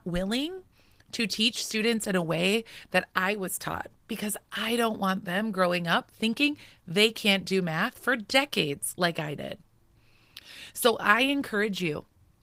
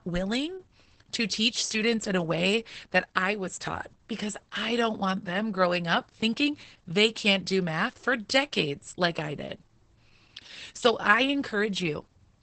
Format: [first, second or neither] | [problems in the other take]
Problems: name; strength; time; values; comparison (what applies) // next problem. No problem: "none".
first | garbled, watery; badly; nothing above 8 kHz; slightly in the first